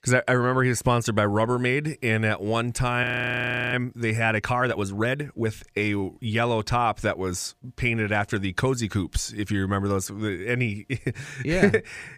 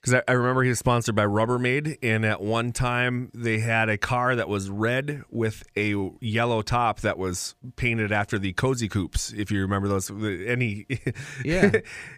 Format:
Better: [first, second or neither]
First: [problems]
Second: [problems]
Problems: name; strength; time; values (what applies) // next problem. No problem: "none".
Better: second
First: audio freezing; at 3 s for 0.5 s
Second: none